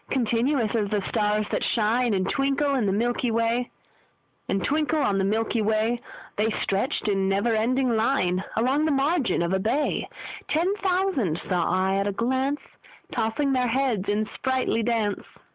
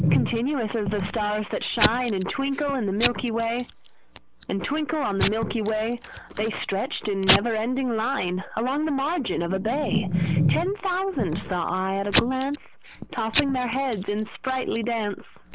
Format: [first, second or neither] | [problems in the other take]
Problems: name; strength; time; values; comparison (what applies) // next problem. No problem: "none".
first | background sound (Packing tape, duct tape / Tearing); 4 dB below the speech